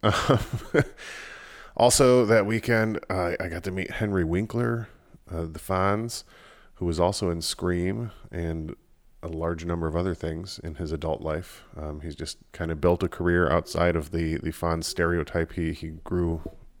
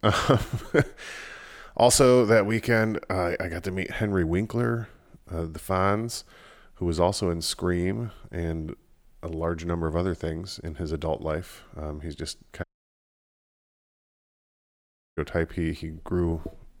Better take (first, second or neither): first